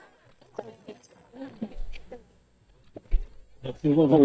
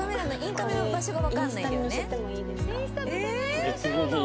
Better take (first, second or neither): second